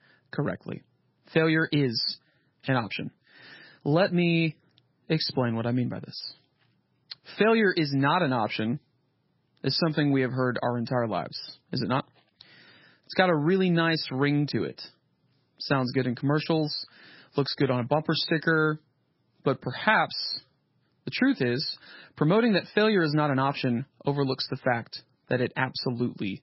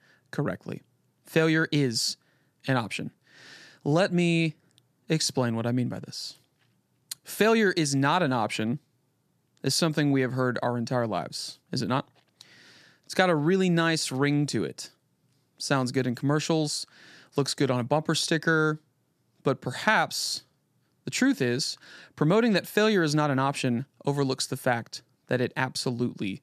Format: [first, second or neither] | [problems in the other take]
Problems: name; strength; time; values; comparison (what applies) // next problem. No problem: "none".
second | garbled, watery; badly; nothing above 5.5 kHz